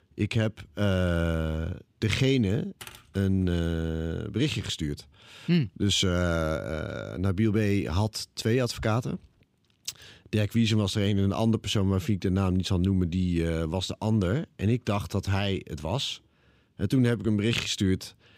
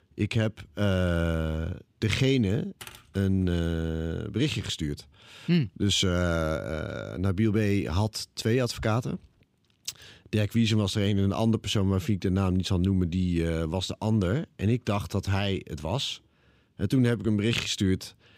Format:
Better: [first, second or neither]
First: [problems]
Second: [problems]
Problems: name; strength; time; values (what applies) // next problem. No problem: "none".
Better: neither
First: none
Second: none